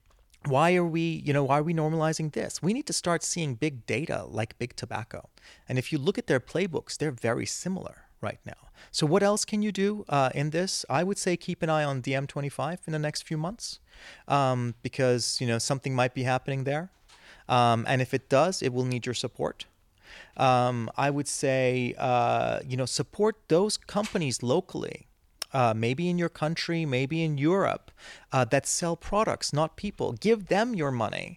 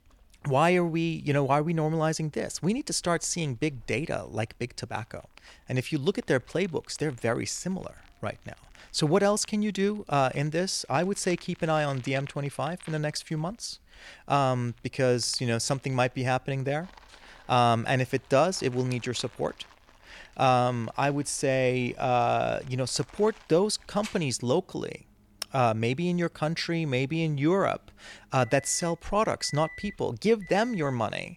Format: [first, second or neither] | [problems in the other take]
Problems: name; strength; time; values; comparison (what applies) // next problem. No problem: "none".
first | household noises; faint; throughout; 25 dB below the speech